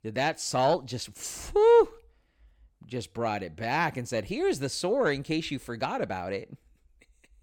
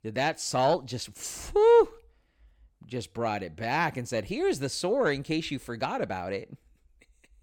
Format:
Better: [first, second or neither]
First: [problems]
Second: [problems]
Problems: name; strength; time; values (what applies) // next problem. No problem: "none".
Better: neither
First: none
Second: none